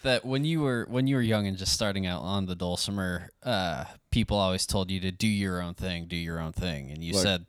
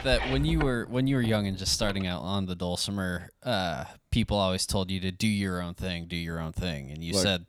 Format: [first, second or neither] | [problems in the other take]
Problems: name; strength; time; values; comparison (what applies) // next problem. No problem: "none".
first | household noises; loud; until 2 s; 8 dB below the speech